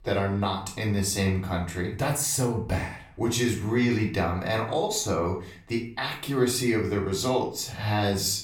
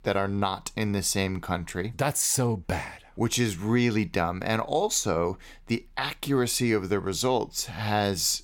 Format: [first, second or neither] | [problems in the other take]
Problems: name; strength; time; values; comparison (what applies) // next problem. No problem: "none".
second | off-mic speech; far // room echo; slight; dies away in 0.4 s